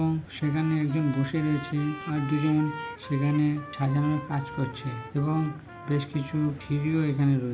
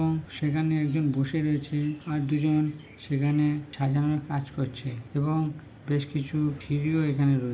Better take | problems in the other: second | background sound (Trumpet); 15 dB below the speech

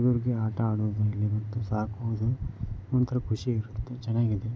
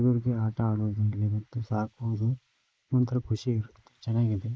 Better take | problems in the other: first | noise reduction (neural mask model Resemble Enhance denoiser)

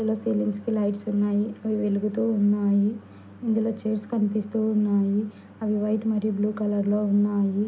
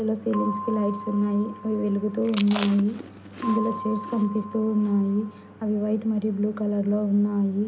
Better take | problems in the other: first | background sound (Percussion + Chewing, mastication); 12 dB below the speech

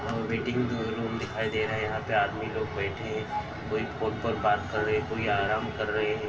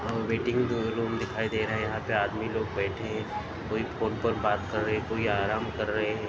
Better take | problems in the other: second | room echo; dies away in 0.2 s

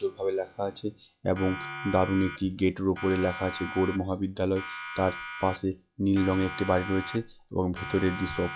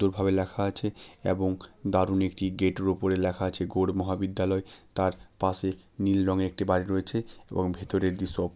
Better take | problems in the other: second | noise reduction (classical method log-MMSE)

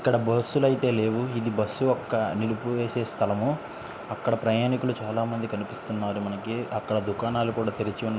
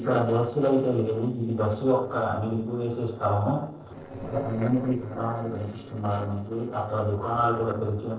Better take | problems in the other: first | noise reduction (neural separator model SepFormer DNS4)

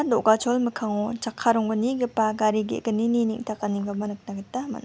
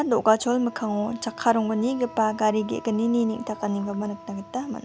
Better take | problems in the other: first | background sound (Wind instrument, woodwind instrument); 19 dB below the speech

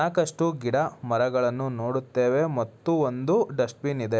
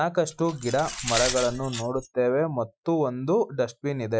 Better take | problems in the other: first | noise reduction (classical method Wiener filter)

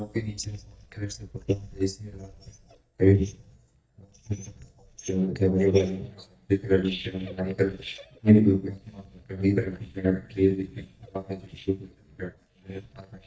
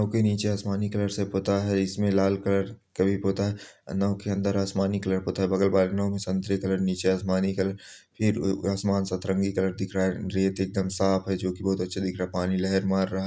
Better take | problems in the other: second | noise reduction (neural mask model DeepFilterNet 3)

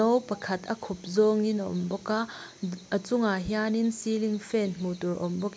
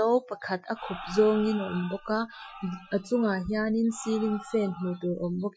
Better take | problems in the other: first | noise reduction (classical method Wiener filter)

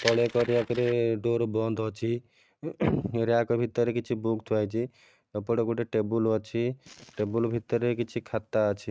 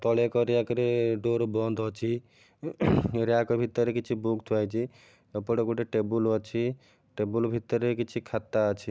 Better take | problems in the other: second | noise reduction (neural mask model RNNoise)

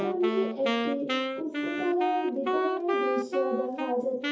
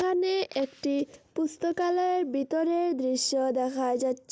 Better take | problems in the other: second | background sound (Wind instrument, woodwind instrument); 1 dB below the speech // room echo; dies away in 0.6 s

